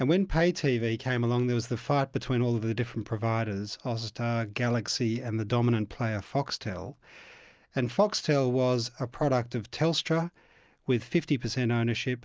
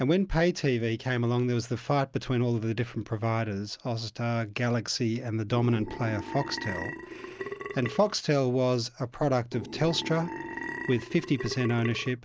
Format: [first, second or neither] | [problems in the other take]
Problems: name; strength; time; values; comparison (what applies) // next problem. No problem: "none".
first | background sound (Burping, eructation); 10 dB below the speech